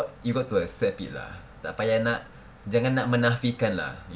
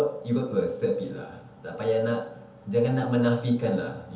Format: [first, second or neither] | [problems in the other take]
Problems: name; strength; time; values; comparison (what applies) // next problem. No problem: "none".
first | room echo; dies away in 0.8 s